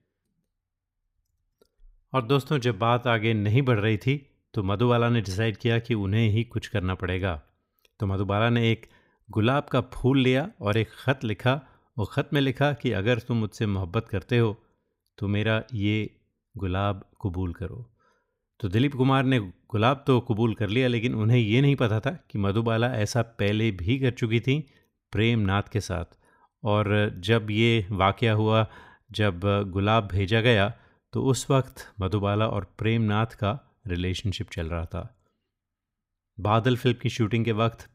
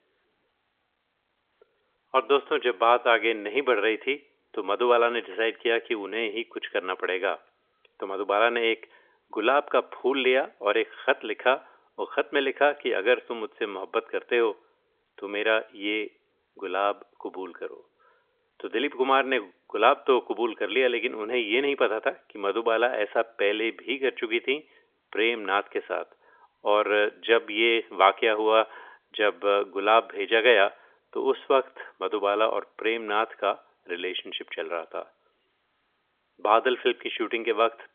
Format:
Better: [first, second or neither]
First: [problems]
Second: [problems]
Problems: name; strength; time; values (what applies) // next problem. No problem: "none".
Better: first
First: none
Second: phone-call audio; nothing above 3.5 kHz